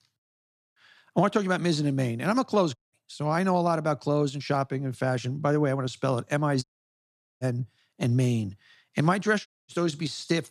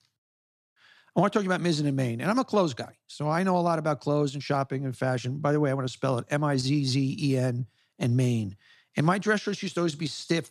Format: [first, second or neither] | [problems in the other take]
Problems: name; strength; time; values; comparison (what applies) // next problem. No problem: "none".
second | audio cutting out; at 3 s, at 6.5 s for 1 s and at 9.5 s